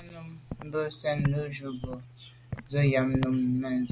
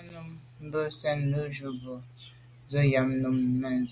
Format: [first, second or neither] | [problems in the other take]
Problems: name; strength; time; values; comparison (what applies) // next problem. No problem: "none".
second | background sound (Walk, footsteps); 10 dB below the speech